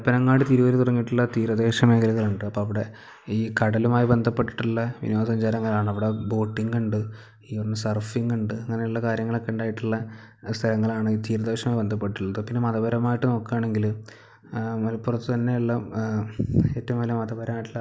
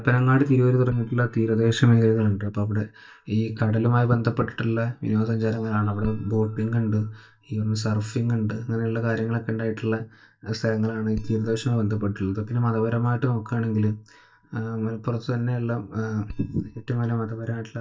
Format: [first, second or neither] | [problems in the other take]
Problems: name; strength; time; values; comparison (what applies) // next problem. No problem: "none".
first | noise reduction (neural mask model DeepFilterNet 3)